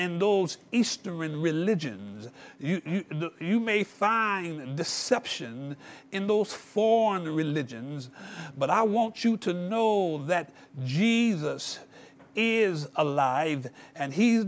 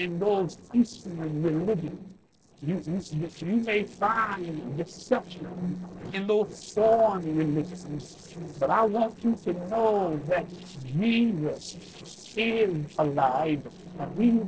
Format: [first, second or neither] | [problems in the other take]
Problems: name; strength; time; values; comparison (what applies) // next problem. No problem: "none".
first | noise reduction (neural separator model SepFormer DNS4)